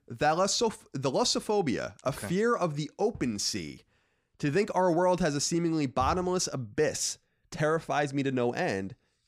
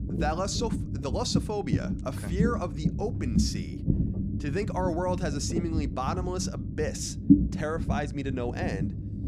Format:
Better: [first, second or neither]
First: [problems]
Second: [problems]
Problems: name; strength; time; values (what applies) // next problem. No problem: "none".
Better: first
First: none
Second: low rumble; loud; throughout; 4 dB below the speech